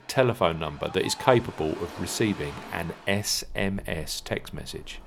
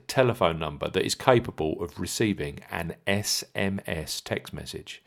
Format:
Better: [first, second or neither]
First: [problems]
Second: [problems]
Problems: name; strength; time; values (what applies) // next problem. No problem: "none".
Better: second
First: rain or running water; noticeable; throughout; 15 dB below the speech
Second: none